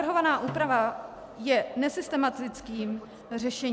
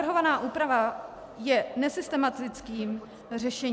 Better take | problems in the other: second | background sound (Snare drum); 18 dB below the speech

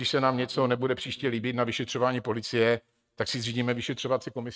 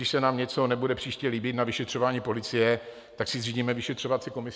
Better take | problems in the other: second | noise reduction (neural mask model RNNoise)

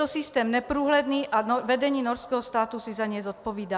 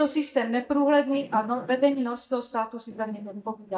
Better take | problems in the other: first | noise reduction (neural mask model DeepFilterNet 3)

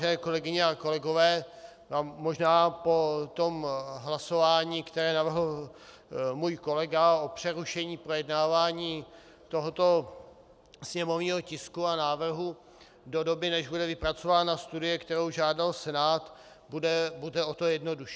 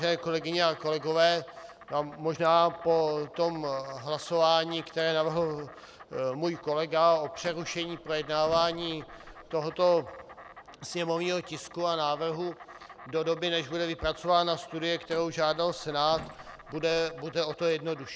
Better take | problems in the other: first | background sound (Truck + Insect); 20 dB below the speech

